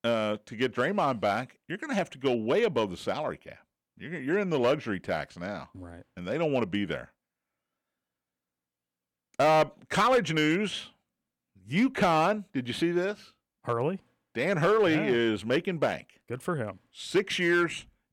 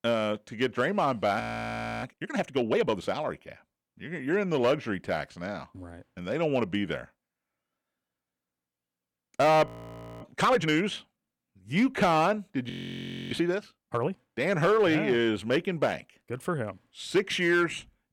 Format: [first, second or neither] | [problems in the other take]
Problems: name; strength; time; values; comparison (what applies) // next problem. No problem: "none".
first | audio freezing; at 1.5 s for 0.5 s, at 9.5 s for 0.5 s and at 13 s for 0.5 s